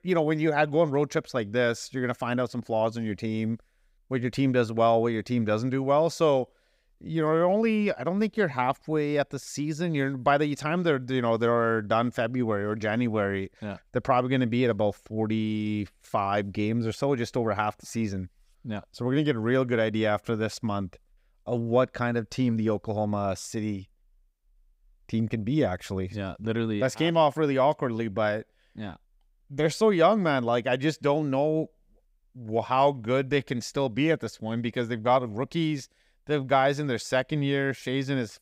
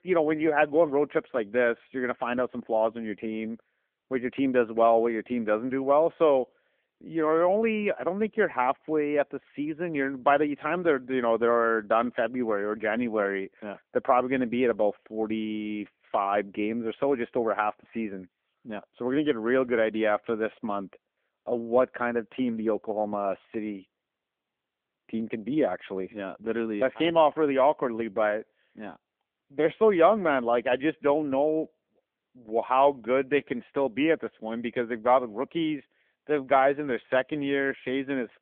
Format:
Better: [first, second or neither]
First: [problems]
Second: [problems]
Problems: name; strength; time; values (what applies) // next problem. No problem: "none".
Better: first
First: none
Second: phone-call audio; nothing above 3.5 kHz